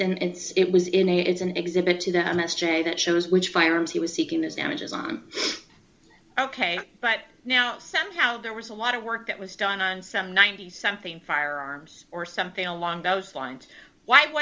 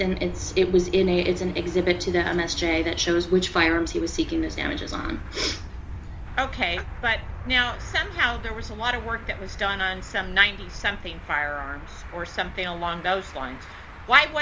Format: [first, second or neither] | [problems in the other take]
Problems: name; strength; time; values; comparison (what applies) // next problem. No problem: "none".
first | background sound (Aircraft + Traffic noise, roadway noise); 10 dB below the speech